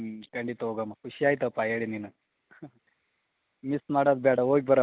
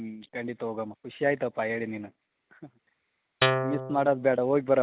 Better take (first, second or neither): first